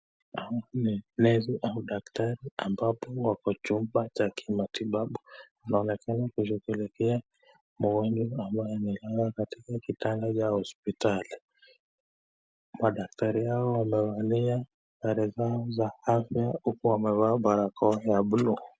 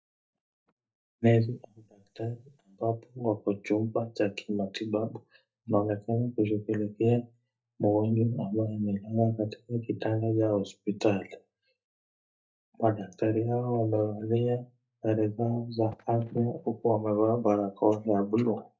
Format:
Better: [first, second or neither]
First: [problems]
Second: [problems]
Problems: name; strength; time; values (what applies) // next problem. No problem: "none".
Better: first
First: none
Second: noise reduction (neural mask model DeepFilterNet 3)